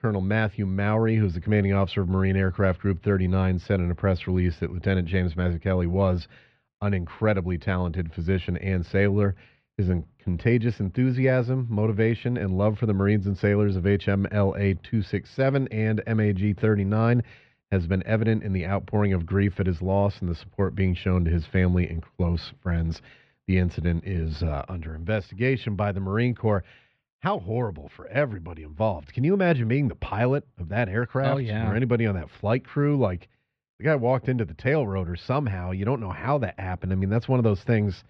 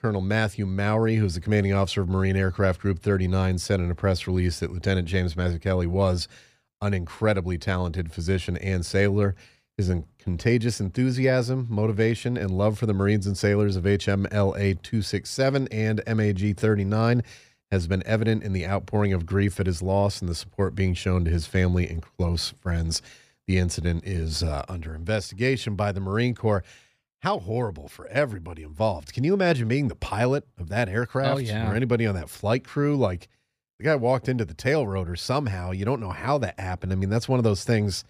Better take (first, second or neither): second